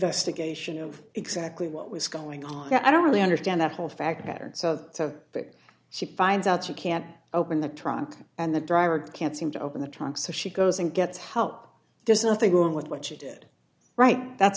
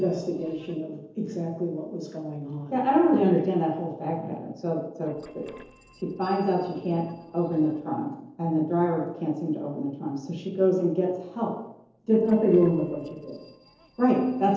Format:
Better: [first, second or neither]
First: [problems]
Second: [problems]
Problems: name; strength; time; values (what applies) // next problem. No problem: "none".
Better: first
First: none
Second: noise reduction (neural separator model SepFormer DNS4)